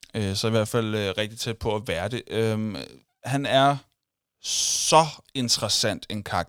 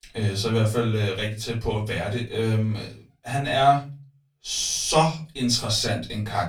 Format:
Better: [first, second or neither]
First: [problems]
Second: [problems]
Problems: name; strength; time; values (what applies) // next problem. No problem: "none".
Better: first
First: none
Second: off-mic speech; far // room echo; very slight; dies away in 0.3 s